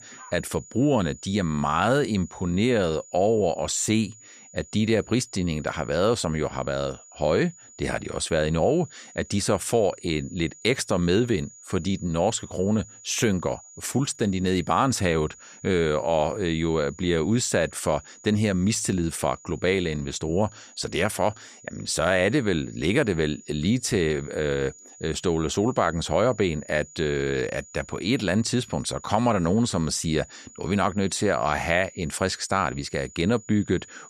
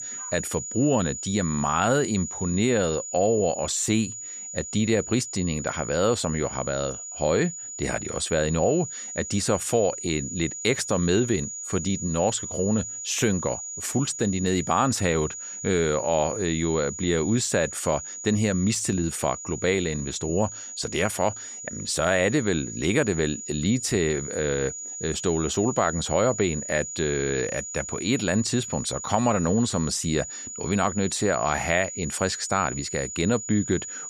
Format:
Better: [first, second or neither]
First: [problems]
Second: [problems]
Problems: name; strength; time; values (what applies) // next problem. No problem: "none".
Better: first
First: high-pitched whine; faint; throughout; 7 kHz, 20 dB below the speech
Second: high-pitched whine; loud; throughout; 7 kHz, 8 dB below the speech